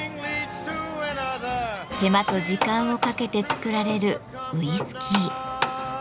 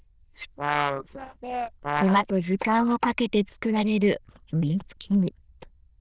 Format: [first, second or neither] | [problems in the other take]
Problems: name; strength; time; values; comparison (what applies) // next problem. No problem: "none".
first | noise reduction (neural diffusion model UNIVERSE++)